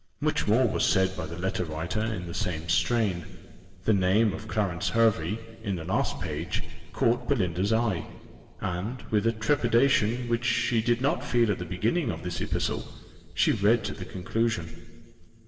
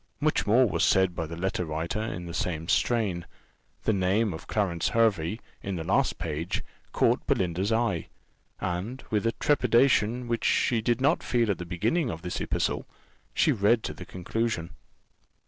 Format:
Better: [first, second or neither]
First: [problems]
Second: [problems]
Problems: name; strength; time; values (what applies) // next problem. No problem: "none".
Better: second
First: room echo; dies away in 3 s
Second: none